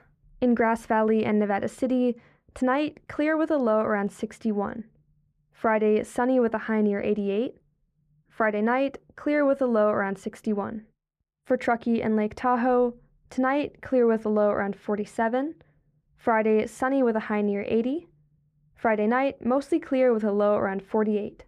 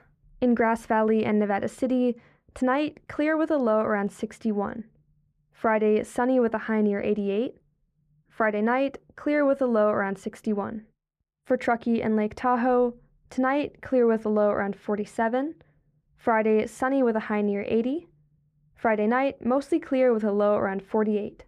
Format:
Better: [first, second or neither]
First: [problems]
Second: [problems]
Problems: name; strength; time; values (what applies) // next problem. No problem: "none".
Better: neither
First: muffled; slightly; fading above 2.5 kHz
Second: muffled; slightly; fading above 2.5 kHz